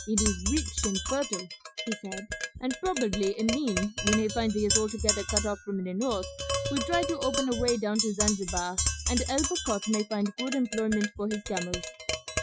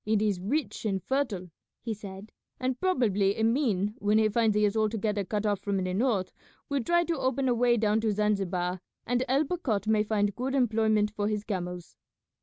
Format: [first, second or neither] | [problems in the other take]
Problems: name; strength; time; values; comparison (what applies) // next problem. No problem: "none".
second | noise reduction (classical method Wiener filter)